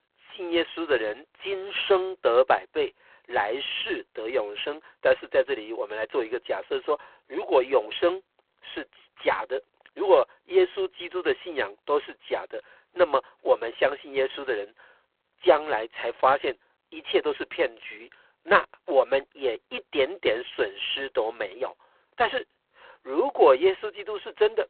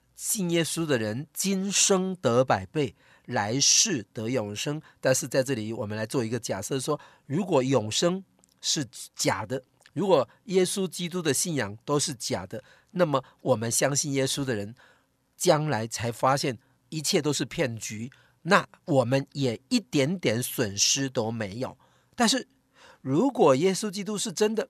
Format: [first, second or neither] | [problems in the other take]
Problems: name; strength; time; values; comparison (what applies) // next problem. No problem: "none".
second | phone-call audio; poor line